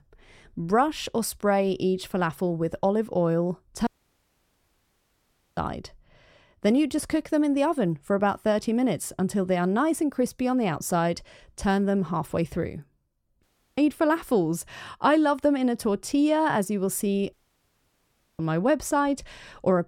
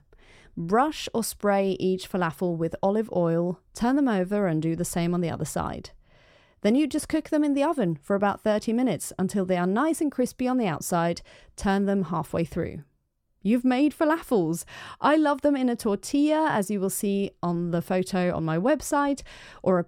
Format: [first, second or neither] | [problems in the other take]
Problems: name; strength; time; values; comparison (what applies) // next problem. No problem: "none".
second | audio cutting out; at 4 s for 1.5 s, at 13 s and at 17 s for 1 s